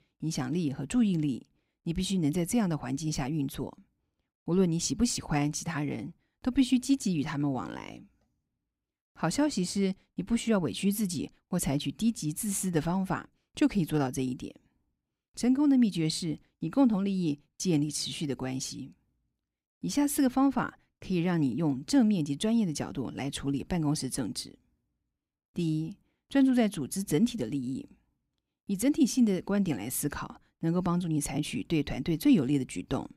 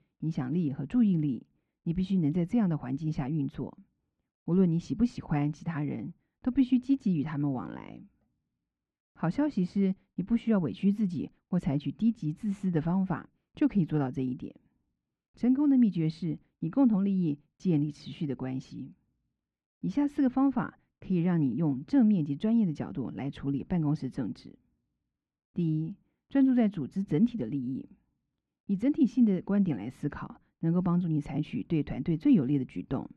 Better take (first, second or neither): first